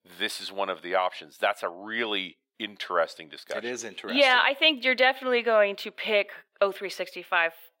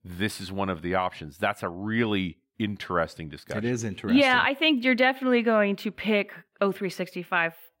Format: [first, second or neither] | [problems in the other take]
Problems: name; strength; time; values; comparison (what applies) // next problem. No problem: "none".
second | thin; somewhat; fading below 500 Hz